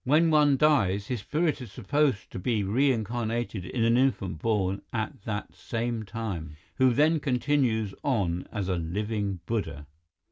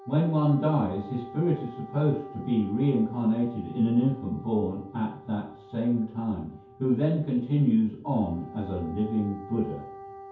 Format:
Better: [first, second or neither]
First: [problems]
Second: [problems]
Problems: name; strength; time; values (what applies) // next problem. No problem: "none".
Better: first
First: none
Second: background sound (Wind instrument, woodwind instrument); 18 dB below the speech // room echo; dies away in 0.6 s